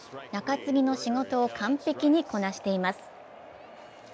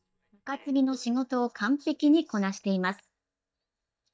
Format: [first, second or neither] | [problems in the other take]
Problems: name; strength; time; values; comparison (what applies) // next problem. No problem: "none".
first | noise reduction (neural mask model DeepFilterNet 3)